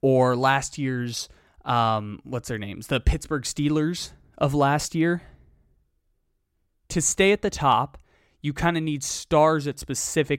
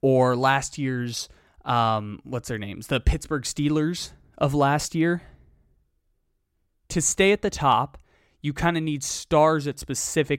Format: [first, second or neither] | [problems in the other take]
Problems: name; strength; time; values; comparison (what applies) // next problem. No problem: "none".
neither | none